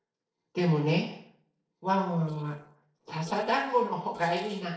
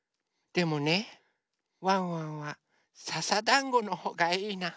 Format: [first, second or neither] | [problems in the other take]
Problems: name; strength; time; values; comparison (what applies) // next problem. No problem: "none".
second | noise reduction (neural separator model SepFormer DNS4)